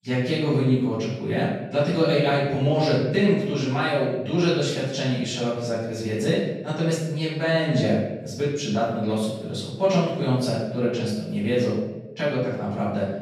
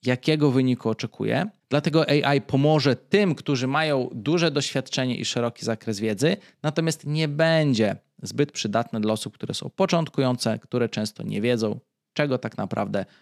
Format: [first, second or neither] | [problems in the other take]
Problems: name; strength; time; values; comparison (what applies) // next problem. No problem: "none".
second | off-mic speech; far // room echo; noticeable; dies away in 0.8 s